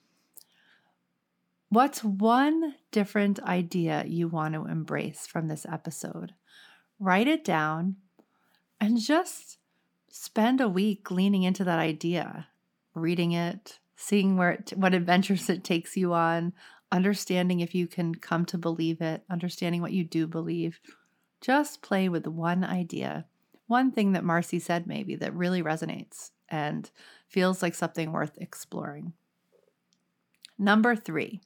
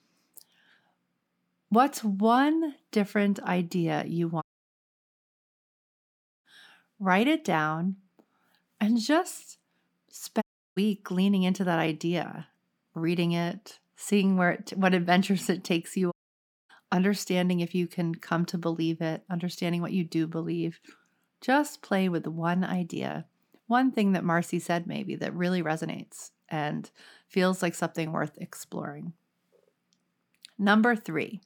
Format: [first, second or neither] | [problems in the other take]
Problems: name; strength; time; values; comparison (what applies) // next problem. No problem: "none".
first | audio cutting out; at 4.5 s for 2 s, at 10 s and at 16 s for 0.5 s